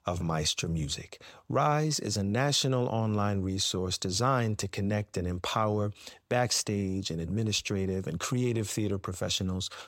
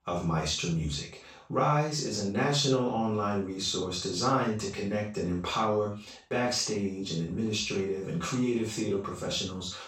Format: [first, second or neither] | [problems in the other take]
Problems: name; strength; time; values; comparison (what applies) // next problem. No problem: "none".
first | room echo; noticeable; dies away in 0.3 s // off-mic speech; far